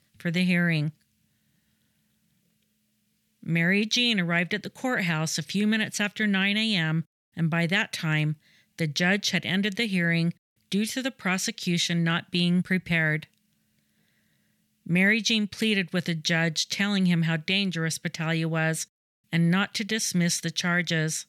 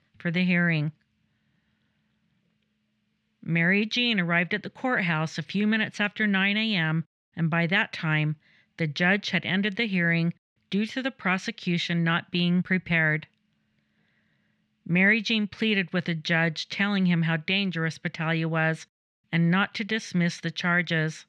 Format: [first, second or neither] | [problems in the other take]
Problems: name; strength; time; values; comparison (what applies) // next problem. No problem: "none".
first | muffled; slightly; fading above 2.5 kHz